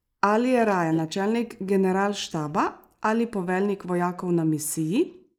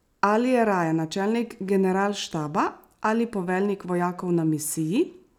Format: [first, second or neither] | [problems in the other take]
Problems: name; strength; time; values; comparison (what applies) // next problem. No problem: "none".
second | noise reduction (neural mask model Resemble Enhance denoiser)